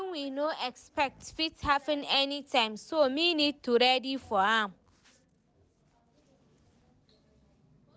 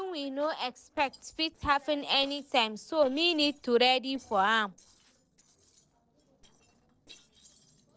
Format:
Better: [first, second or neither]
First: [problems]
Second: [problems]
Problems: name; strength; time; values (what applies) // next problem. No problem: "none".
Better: first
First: none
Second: noise reduction (neural separator model SepFormer DNS4)